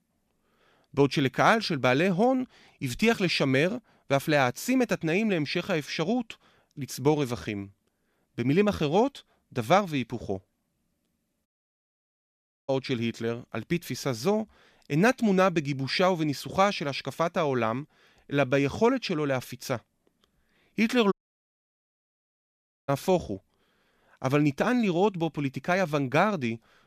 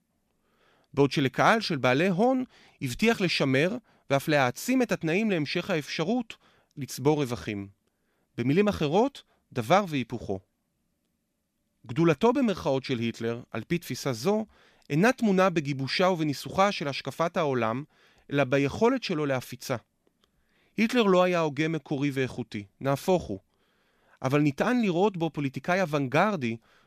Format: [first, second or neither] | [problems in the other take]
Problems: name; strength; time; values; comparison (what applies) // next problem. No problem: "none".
second | audio cutting out; at 11 s for 1 s and at 21 s for 2 s